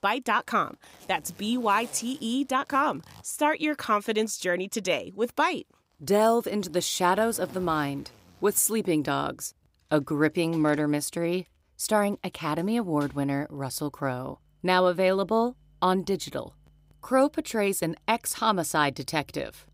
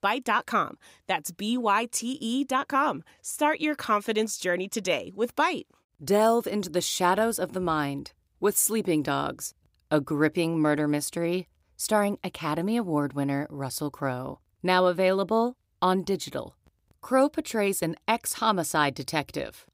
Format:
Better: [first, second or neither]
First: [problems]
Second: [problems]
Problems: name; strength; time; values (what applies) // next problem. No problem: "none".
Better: second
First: household noises; faint; throughout; 25 dB below the speech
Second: none